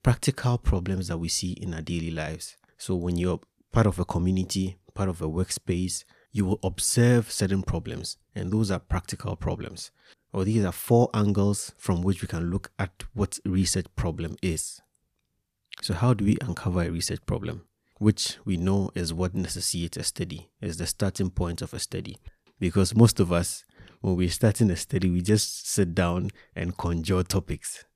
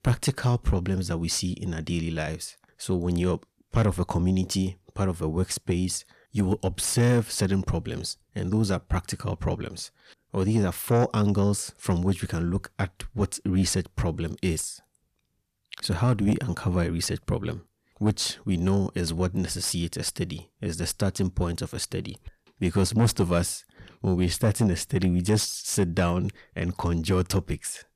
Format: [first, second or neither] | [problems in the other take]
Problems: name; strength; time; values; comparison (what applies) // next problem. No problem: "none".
first | distortion; slight; 10 dB below the speech